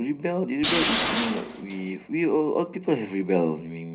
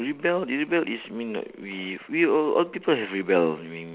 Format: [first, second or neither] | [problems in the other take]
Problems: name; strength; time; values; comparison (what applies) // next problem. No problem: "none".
second | background sound (Tools); 2 dB below the speech // room echo; dies away in 0.4 s